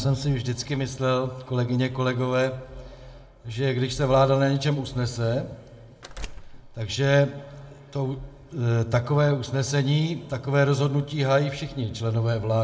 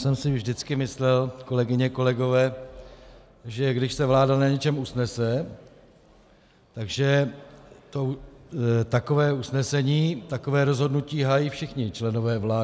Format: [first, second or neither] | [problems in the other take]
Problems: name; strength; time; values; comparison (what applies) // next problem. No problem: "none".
second | background sound (Door); 16 dB below the speech // room echo; dies away in 0.4 s